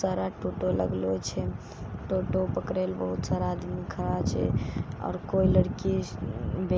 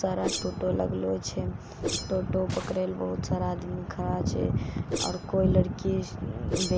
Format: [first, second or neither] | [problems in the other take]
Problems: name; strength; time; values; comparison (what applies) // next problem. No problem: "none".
first | background sound (Whoosh, swoosh, swish); 10 dB below the speech